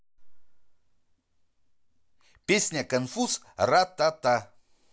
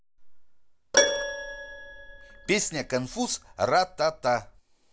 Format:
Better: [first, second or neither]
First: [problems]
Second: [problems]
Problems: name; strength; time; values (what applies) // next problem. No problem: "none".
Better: first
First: none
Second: background sound (Keyboard (musical)); 1 dB below the speech